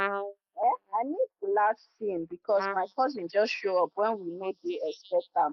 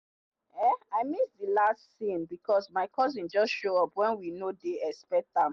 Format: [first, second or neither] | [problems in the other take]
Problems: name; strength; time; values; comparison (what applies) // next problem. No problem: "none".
second | noise reduction (neural mask model Resemble Enhance denoiser)